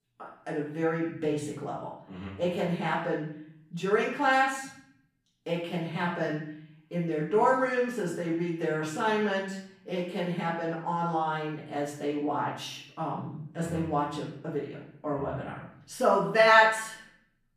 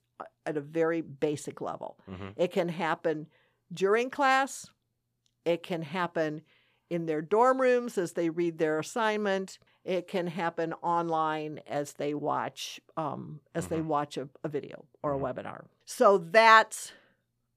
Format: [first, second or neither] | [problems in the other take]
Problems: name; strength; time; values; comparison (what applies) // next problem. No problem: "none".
second | off-mic speech; far // room echo; noticeable; dies away in 0.6 s